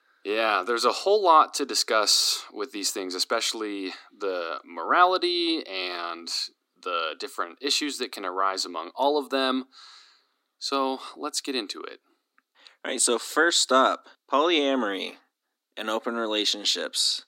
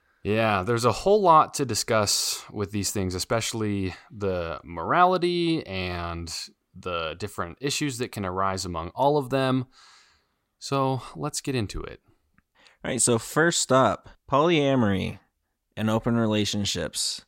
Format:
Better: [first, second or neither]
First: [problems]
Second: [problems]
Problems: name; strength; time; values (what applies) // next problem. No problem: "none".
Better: second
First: thin; very slightly; fading below 250 Hz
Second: none